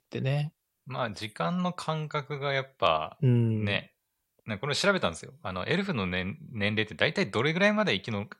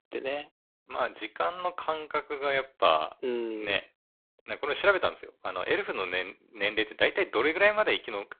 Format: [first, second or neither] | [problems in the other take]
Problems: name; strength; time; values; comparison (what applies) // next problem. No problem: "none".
first | phone-call audio; poor line